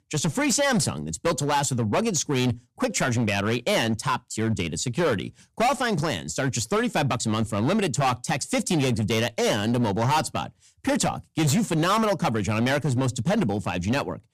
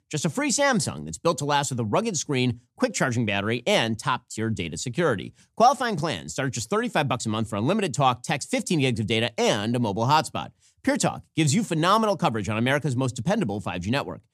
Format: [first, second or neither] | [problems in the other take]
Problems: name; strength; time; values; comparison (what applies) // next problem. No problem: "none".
second | distortion; heavy; 13% of the sound clipped